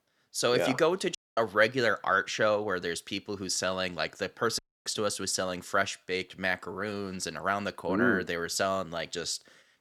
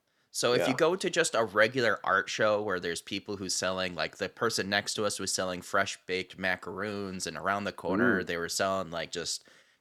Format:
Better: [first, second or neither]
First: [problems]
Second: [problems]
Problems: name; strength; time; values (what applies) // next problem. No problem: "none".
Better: second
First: audio cutting out; at 1 s and at 4.5 s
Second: none